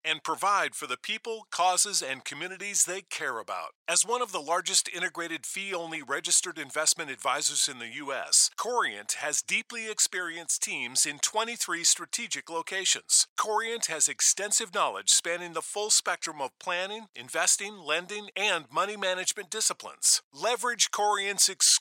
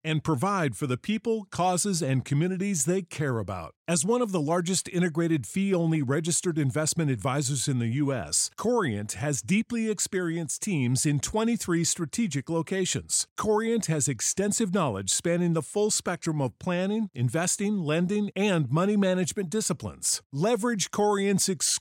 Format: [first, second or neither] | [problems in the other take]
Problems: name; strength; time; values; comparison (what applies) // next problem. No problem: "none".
second | thin; very; fading below 900 Hz